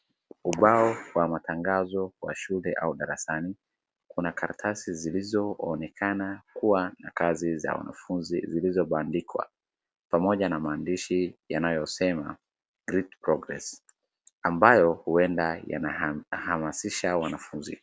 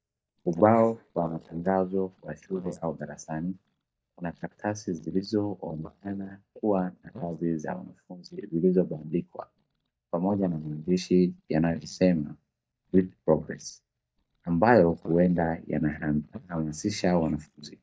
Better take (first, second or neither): first